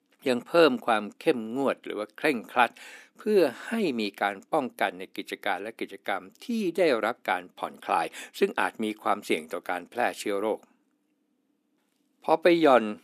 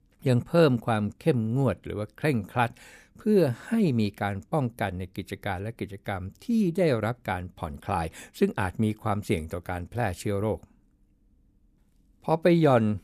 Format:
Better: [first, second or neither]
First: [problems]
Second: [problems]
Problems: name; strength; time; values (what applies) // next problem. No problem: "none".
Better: second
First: thin; somewhat; fading below 300 Hz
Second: none